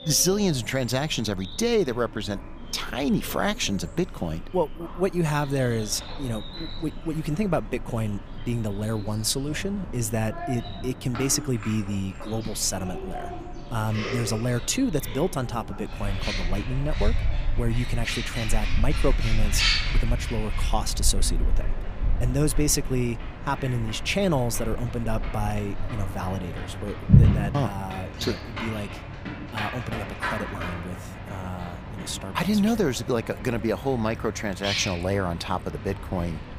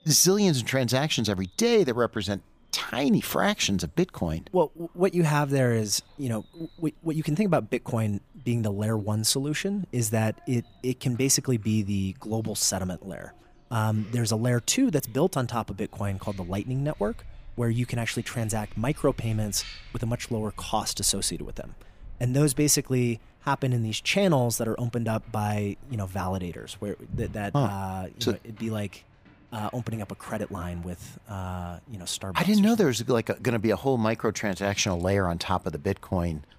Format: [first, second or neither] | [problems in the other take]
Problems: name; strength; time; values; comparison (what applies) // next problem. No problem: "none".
second | animal sounds; loud; throughout; 4 dB below the speech; faint in the second